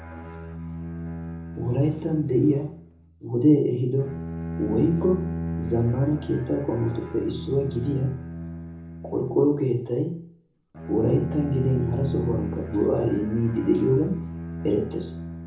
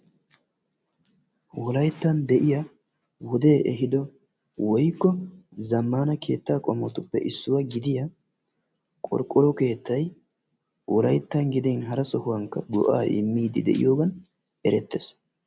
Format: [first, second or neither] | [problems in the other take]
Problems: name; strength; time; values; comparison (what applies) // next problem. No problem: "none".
second | background sound (Bowed string instrument); 9 dB below the speech // room echo; dies away in 0.6 s